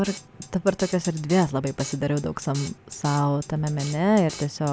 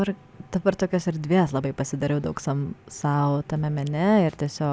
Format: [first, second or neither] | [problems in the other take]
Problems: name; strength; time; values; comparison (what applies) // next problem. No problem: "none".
second | background sound (Drum kit); 16 dB below the speech